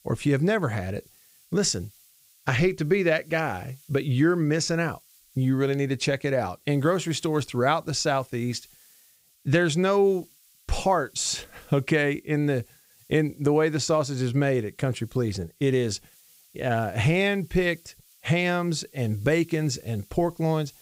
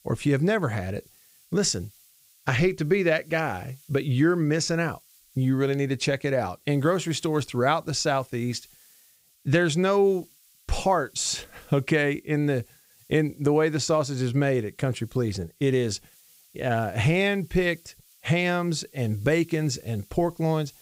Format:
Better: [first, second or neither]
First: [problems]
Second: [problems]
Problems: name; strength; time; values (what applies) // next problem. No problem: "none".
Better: neither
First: hiss; faint; throughout; 30 dB below the speech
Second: hiss; faint; throughout; 30 dB below the speech